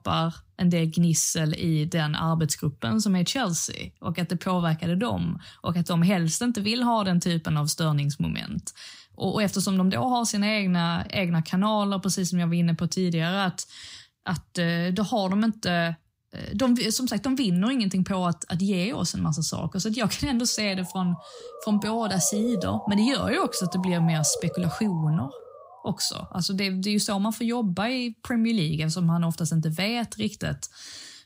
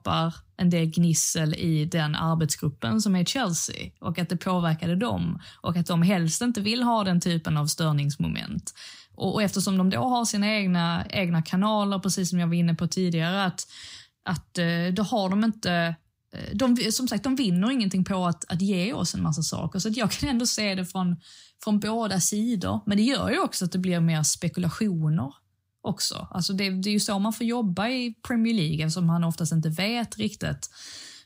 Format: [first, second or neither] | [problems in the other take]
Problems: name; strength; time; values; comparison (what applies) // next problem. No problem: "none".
second | siren; noticeable; from 21 to 26 s; peak 8 dB below the speech